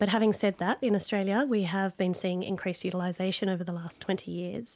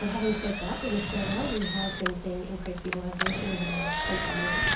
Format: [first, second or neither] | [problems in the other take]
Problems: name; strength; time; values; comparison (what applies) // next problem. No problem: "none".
first | background sound (Engine); as loud as the speech // room echo; dies away in 0.7 s